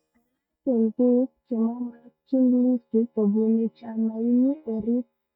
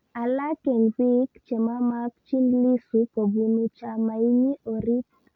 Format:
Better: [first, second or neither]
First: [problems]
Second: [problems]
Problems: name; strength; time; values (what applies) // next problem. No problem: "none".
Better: second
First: noise reduction (neural mask model DeepFilterNet 3)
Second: none